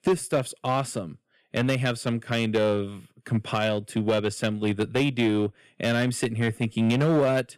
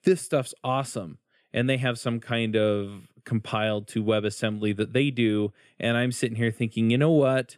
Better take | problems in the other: second | distortion; slight; 6% of the sound clipped

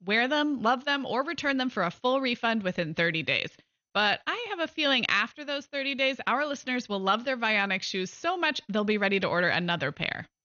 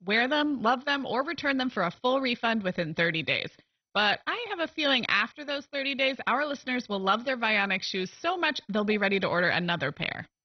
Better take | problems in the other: first | garbled, watery; badly; nothing above 6 kHz; slightly in the first

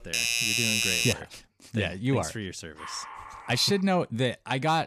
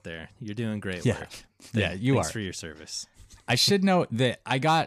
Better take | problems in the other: second | doorbell; loud; until 1 s; peak 5 dB above the speech // dog barking; faint; from 3 to 4 s; peak 10 dB below the speech

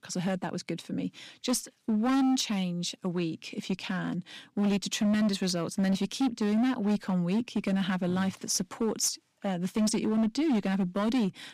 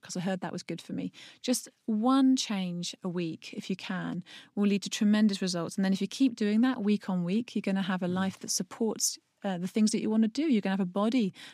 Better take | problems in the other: second | distortion; slight; 12% of the sound clipped

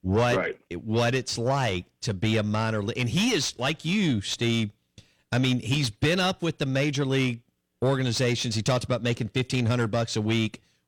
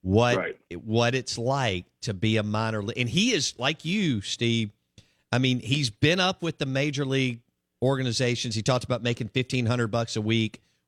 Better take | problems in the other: second | distortion; slight; 10 dB below the speech

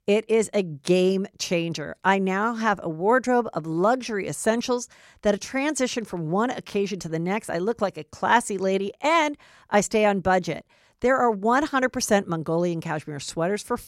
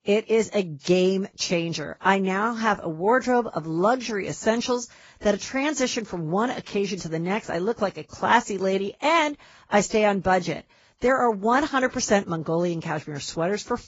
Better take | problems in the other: first | garbled, watery; badly; nothing above 7.5 kHz

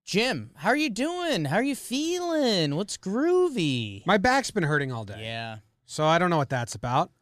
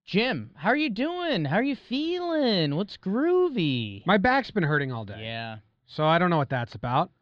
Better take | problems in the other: first | muffled; very slightly; fading above 4 kHz

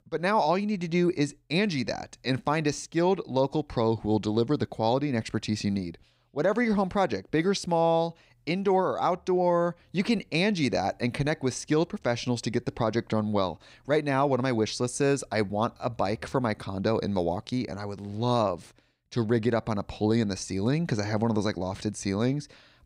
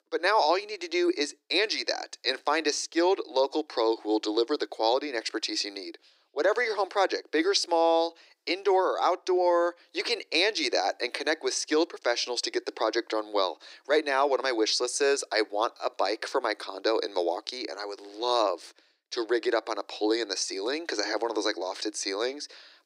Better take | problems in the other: first | thin; very; fading below 300 Hz

